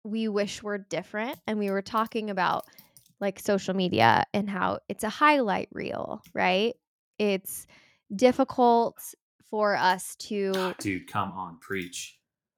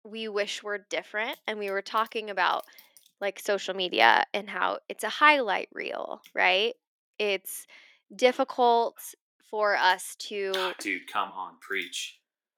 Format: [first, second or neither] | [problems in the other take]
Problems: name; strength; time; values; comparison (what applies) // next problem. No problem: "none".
first | thin; somewhat; fading below 350 Hz